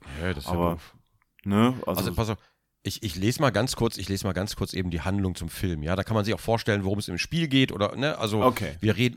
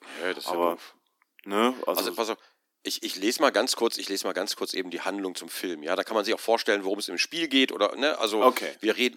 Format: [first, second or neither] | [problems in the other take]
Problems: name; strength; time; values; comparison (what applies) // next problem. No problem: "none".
first | thin; somewhat; fading below 300 Hz